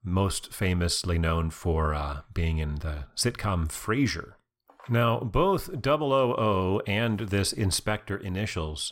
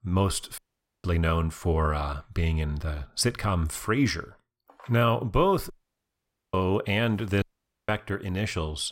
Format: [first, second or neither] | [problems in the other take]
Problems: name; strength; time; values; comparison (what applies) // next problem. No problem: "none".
first | audio cutting out; at 0.5 s, at 5.5 s for 1 s and at 7.5 s